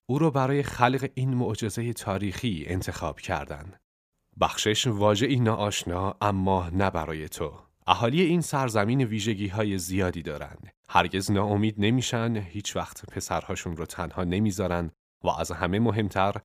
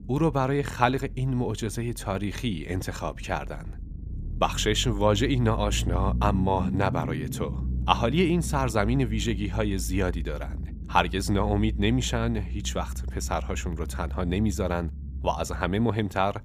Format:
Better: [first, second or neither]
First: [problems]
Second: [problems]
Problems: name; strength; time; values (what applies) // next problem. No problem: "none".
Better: first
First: none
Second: low rumble; noticeable; throughout; 20 dB below the speech